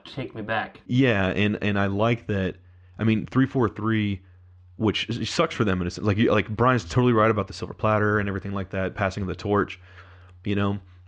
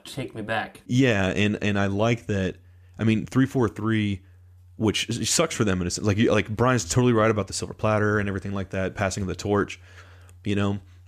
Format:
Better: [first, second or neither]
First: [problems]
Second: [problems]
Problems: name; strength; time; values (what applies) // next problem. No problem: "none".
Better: second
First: muffled; slightly; fading above 4 kHz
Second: none